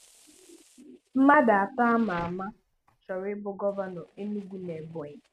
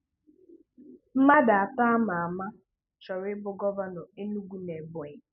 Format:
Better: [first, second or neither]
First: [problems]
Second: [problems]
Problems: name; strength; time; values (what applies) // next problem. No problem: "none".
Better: second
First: noise reduction (neural mask model RNNoise)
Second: none